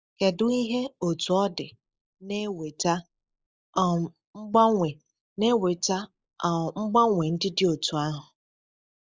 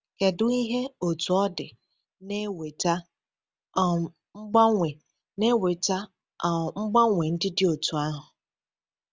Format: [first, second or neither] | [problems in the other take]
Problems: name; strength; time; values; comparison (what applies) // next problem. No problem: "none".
second | noise reduction (neural mask model Resemble Enhance denoiser)